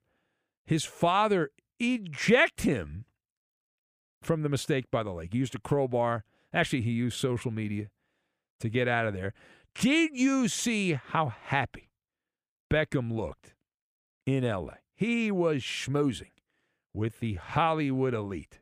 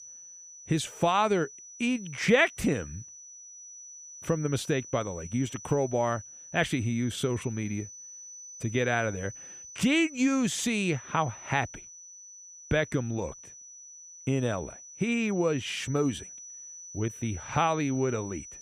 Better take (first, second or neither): first